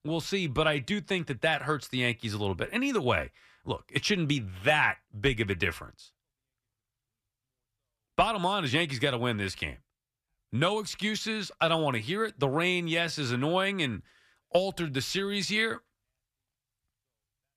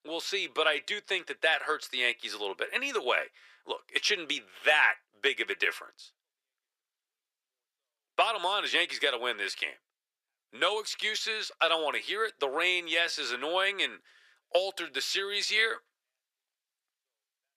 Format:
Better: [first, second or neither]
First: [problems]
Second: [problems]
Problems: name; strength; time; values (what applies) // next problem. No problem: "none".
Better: first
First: none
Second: thin; very; fading below 400 Hz